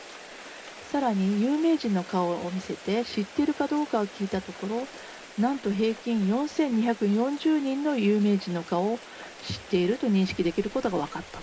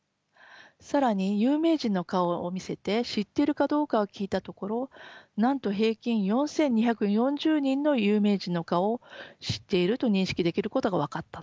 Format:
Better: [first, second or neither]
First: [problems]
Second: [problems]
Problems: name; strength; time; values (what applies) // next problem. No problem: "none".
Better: second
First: background sound (Rain); 17 dB below the speech // room echo; dies away in 0.3 s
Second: none